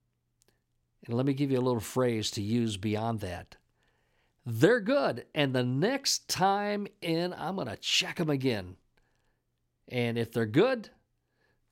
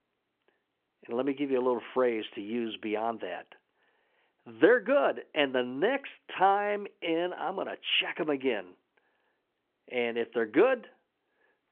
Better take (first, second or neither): first